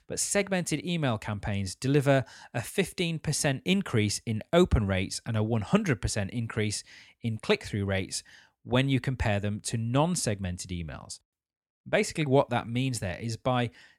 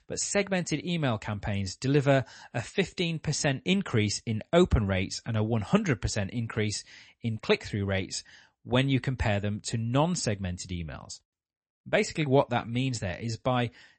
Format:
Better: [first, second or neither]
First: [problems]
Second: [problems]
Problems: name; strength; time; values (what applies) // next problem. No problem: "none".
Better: first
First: none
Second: garbled, watery; slightly; nothing above 8 kHz